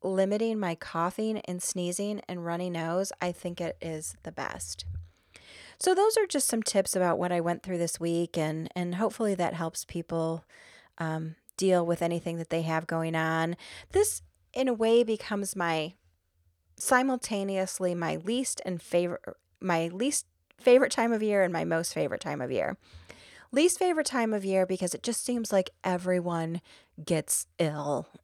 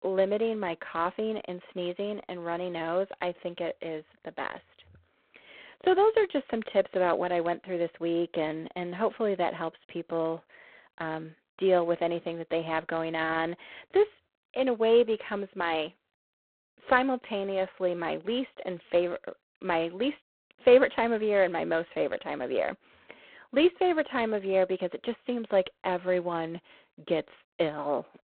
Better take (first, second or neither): first